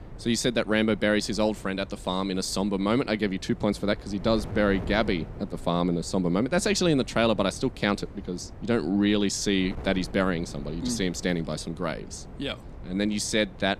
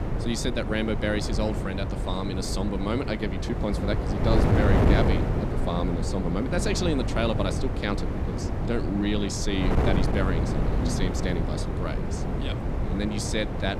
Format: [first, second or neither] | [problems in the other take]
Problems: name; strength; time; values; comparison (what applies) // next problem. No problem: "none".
first | wind noise on the microphone; heavy; 2 dB below the speech; occasional gusts in the first